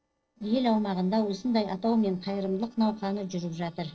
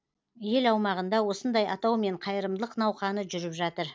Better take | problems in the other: second | noise reduction (neural separator model SepFormer DNS4)

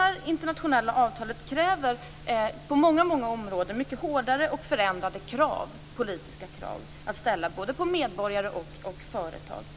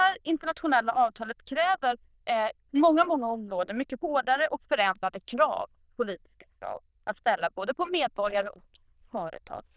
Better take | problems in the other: first | noise reduction (neural diffusion model UNIVERSE++)

